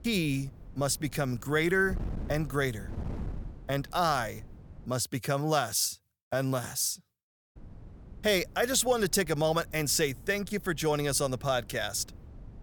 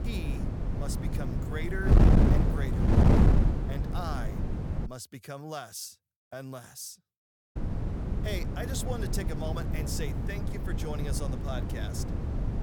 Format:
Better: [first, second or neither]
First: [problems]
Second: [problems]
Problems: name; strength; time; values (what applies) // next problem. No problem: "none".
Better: first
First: wind noise on the microphone; occasional gusts; until 5 s and from 7.5 s on; 25 dB below the speech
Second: wind noise on the microphone; heavy; until 5 s and from 7.5 s on; 2 dB above the speech